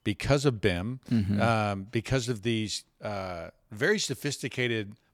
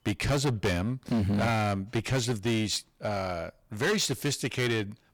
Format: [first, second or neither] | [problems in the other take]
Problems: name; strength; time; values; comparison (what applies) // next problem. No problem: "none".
first | distortion; heavy; 15% of the sound clipped